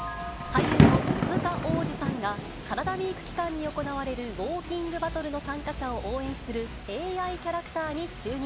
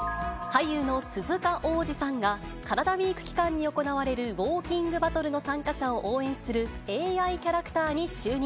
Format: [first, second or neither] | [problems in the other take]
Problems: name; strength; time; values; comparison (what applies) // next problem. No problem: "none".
second | background sound (Thunder / Rain); 2 dB above the speech